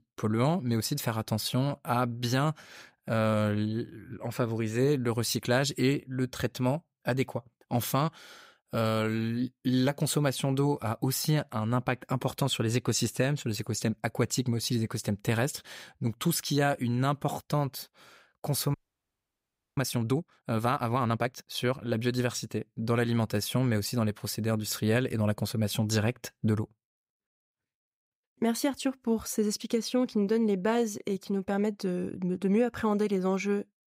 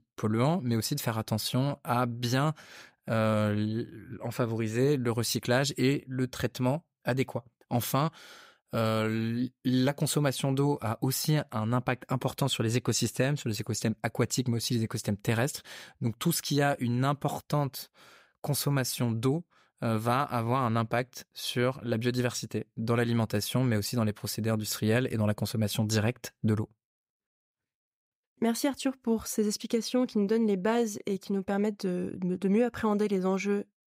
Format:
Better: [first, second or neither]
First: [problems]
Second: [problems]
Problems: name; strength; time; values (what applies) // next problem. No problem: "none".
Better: second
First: audio freezing; at 19 s for 1 s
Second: none